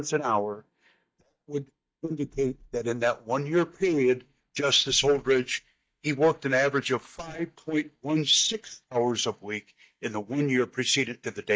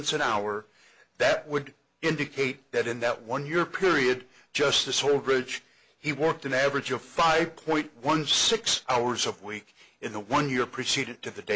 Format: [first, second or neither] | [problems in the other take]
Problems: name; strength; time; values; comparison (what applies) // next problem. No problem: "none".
second | noise reduction (neural mask model DeepFilterNet 3)